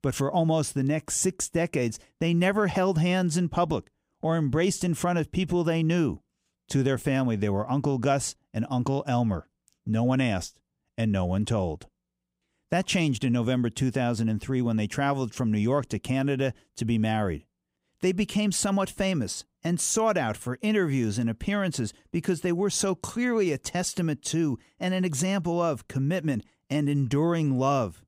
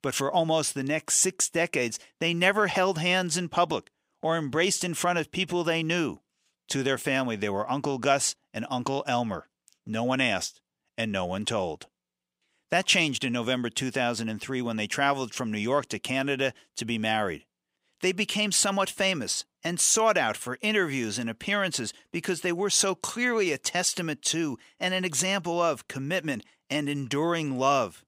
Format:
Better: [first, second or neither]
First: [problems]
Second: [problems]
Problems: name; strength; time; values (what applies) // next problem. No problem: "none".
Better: first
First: none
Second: thin; somewhat; fading below 1 kHz